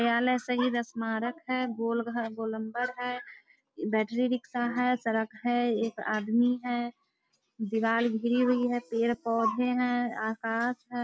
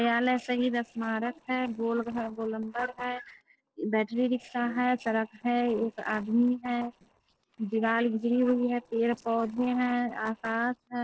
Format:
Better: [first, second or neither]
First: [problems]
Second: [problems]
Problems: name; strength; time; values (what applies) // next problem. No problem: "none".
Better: first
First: none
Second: noise reduction (neural separator model SepFormer DNS4)